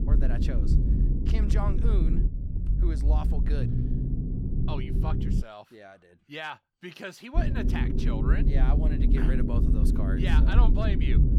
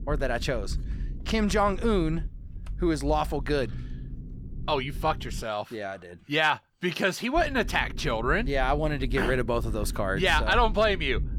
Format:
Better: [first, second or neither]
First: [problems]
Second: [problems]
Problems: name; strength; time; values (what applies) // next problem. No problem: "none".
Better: second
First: low rumble; loud; until 5.5 s and from 7.5 s on; 1 dB below the speech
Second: low rumble; faint; until 5.5 s and from 7.5 s on; 25 dB below the speech